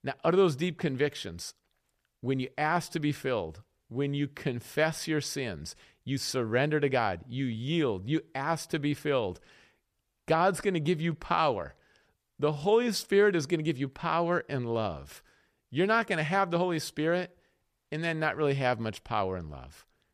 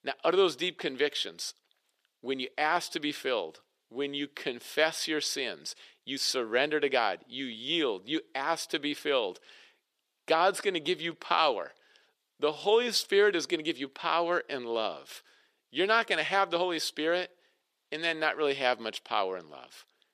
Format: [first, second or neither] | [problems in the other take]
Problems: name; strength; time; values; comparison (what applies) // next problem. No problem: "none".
first | thin; somewhat; fading below 300 Hz